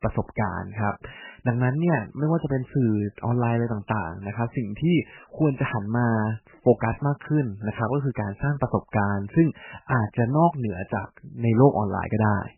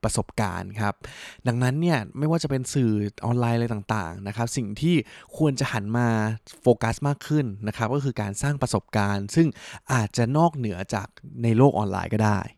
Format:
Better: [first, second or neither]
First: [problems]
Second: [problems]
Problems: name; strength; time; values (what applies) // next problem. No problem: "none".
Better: second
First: garbled, watery; badly; nothing above 3 kHz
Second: none